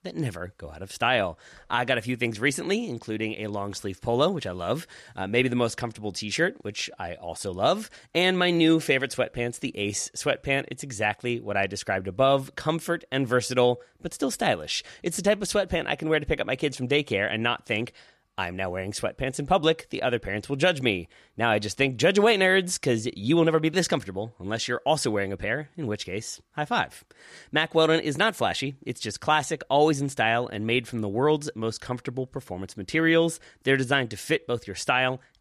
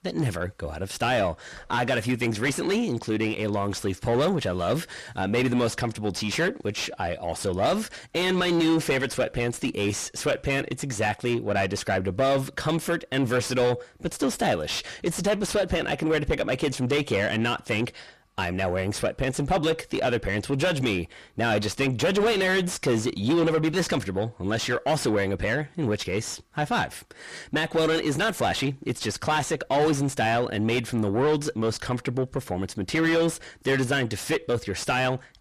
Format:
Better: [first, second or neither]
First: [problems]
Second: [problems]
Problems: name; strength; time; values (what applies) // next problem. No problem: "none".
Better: first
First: none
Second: distortion; heavy; 6 dB below the speech